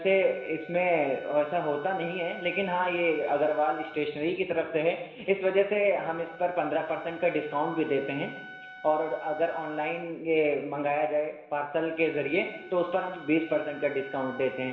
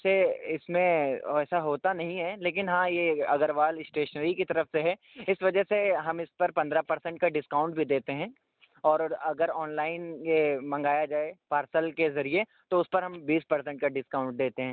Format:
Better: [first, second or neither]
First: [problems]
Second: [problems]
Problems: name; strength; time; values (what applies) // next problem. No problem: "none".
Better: second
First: background sound (Wind instrument, woodwind instrument); 19 dB below the speech // room echo; dies away in 1.2 s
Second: none